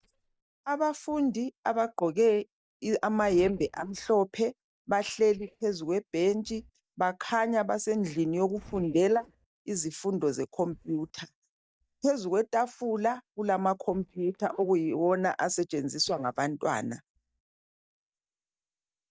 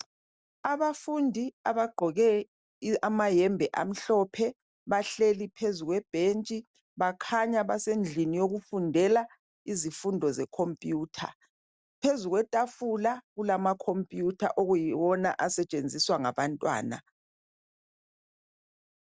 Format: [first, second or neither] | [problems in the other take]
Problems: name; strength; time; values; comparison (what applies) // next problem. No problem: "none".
second | noise reduction (neural mask model DeepFilterNet 3)